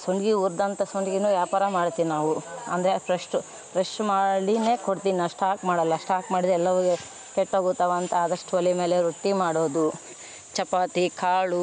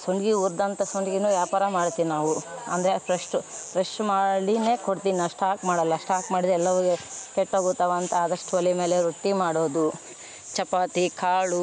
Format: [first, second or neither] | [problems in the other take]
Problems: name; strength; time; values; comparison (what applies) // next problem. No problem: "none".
first | background sound (Insect); 18 dB below the speech